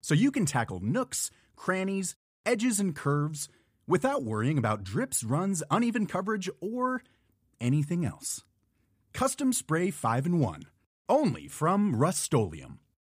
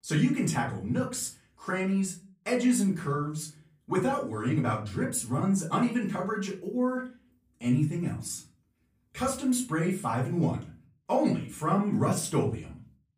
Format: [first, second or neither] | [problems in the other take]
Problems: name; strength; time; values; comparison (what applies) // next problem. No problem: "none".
first | off-mic speech; far // room echo; slight; dies away in 0.3 s